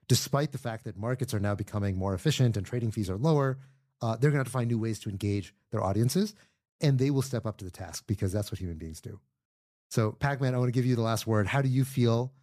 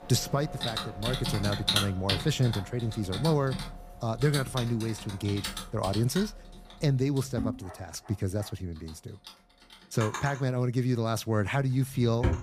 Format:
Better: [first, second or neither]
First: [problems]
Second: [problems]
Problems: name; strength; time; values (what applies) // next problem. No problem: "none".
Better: first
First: none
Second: household noises; loud; throughout; 4 dB below the speech